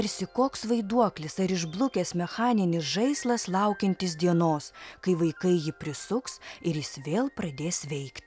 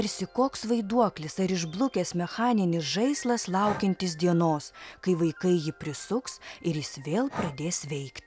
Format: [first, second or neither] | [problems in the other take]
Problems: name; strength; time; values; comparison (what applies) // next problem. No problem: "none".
first | background sound (Breathing); 18 dB below the speech